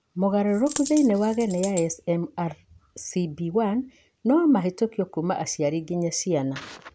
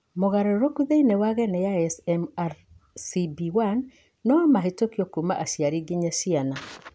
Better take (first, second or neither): second